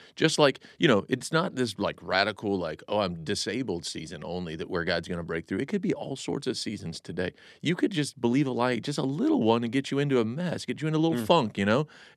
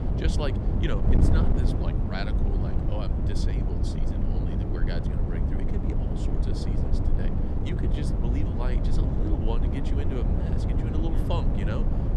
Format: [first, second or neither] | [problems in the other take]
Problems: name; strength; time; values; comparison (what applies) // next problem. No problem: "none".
first | wind noise on the microphone; heavy; 2 dB above the speech